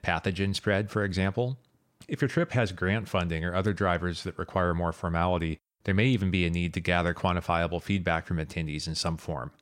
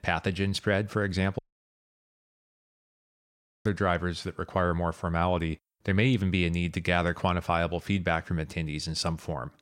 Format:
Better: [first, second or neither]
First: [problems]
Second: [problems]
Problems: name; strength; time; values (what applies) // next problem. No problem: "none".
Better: first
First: none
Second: audio cutting out; at 1.5 s for 2.5 s